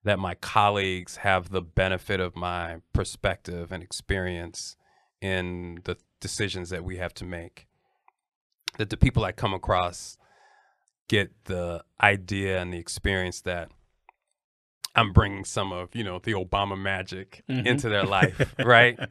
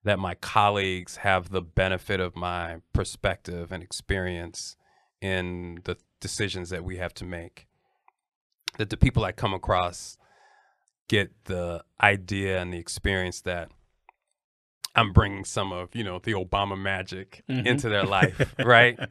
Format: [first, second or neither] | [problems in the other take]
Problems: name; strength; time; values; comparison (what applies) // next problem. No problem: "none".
neither | none